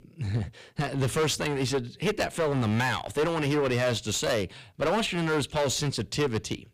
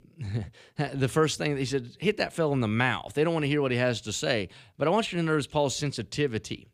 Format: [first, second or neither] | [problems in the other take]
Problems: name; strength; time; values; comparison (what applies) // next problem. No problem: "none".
second | distortion; heavy; 15% of the sound clipped